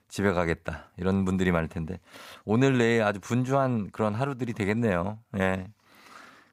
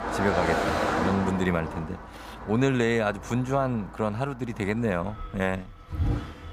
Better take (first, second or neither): first